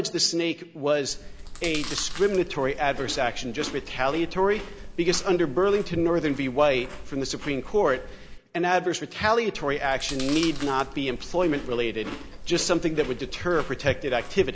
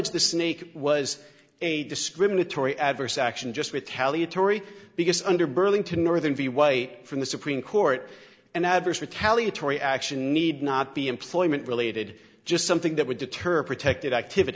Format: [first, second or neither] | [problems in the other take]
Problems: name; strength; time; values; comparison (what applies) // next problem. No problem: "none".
second | background sound (Chewing, mastication); 11 dB below the speech